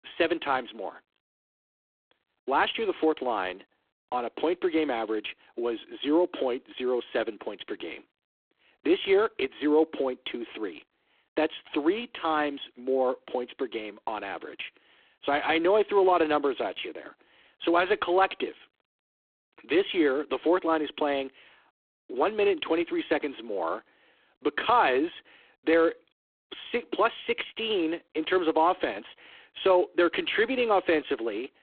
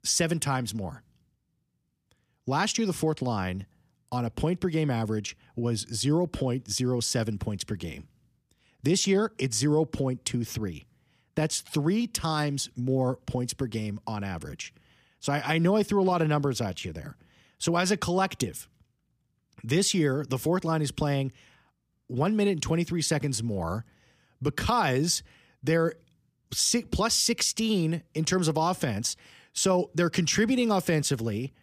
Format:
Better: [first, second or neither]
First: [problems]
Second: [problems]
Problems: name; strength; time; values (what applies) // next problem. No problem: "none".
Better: second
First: phone-call audio; poor line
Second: none